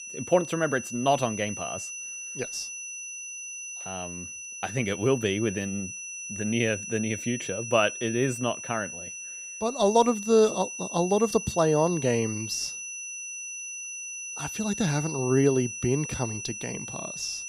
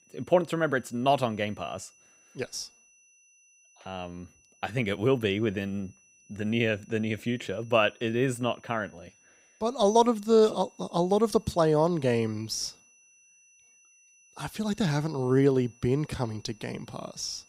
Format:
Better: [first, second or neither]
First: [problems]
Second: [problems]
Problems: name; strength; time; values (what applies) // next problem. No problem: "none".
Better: second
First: high-pitched whine; loud; throughout; 6 kHz, 8 dB below the speech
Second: high-pitched whine; faint; throughout; 6 kHz, 30 dB below the speech